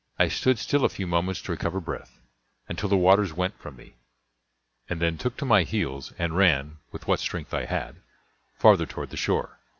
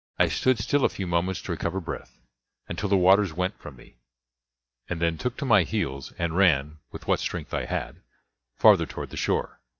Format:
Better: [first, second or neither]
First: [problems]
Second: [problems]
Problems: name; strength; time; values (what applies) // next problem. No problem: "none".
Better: first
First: none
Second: noise reduction (neural mask model DeepFilterNet 3)